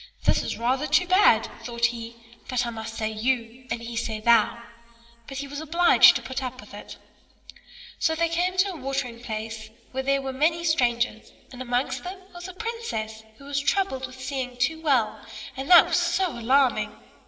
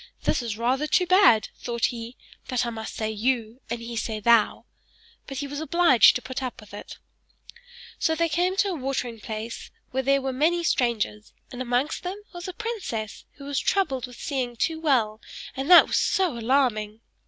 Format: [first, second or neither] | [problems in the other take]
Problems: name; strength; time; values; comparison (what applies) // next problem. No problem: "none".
second | room echo; dies away in 2.4 s